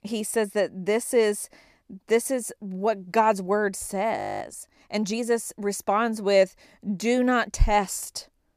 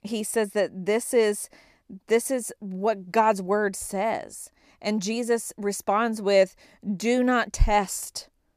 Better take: second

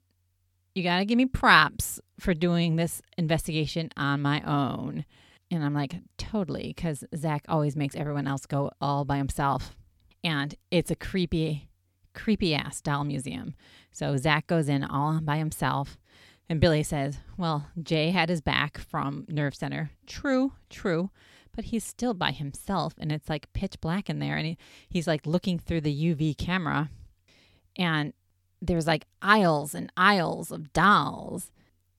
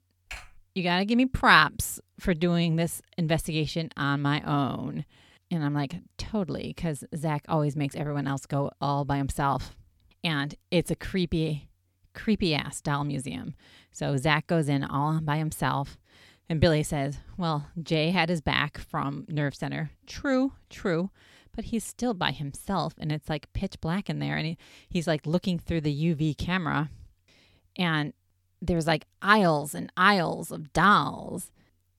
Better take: first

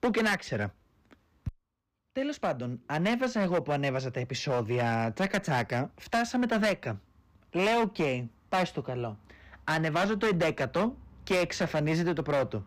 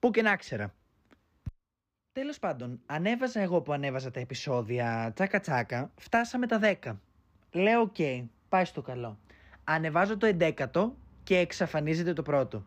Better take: second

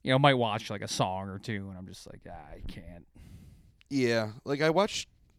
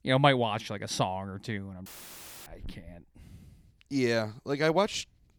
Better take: first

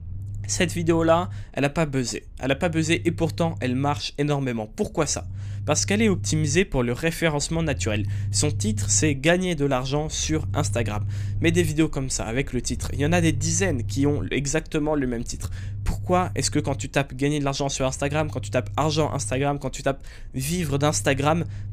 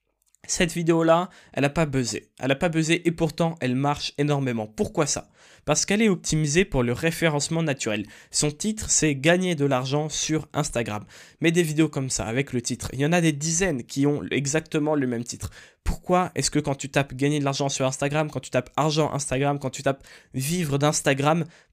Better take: second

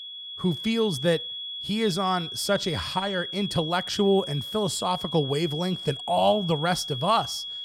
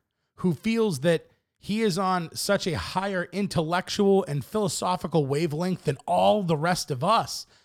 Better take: second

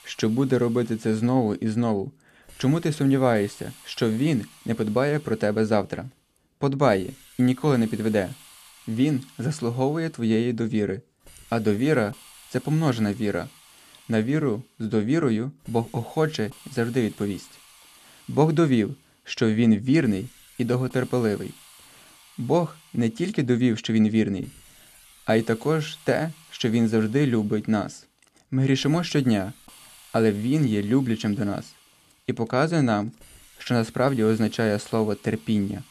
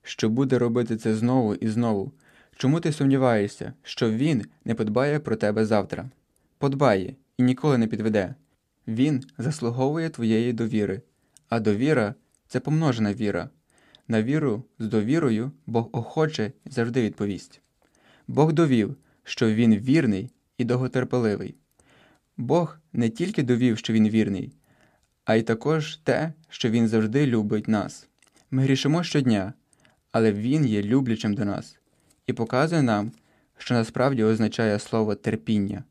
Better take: second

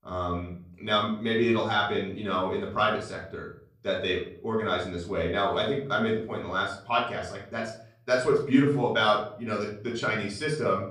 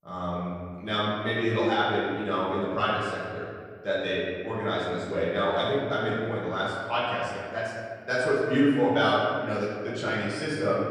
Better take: first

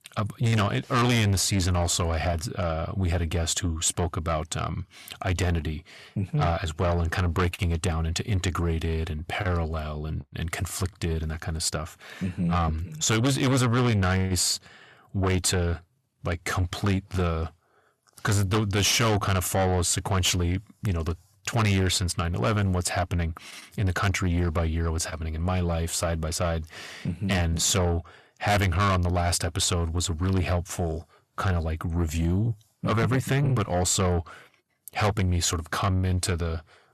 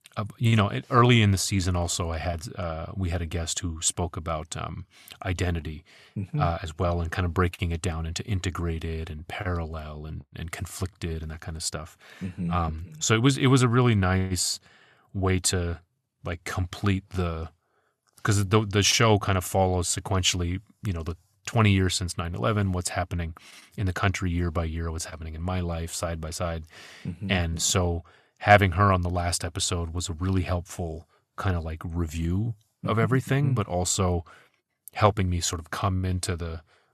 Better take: second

